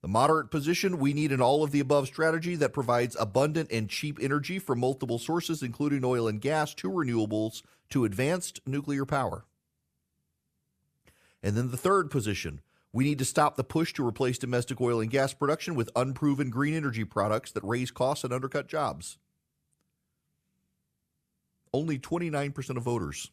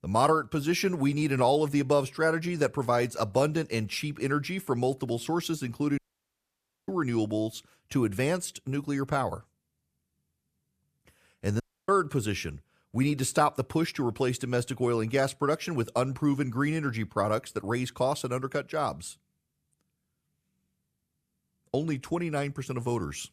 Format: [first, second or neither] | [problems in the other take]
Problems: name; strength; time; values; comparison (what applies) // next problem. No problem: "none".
first | audio cutting out; at 6 s for 1 s and at 12 s